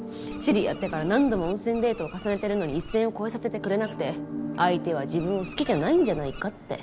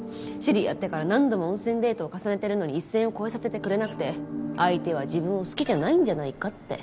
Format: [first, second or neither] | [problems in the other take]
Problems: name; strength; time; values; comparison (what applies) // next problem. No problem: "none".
second | background sound (Bird); 16 dB below the speech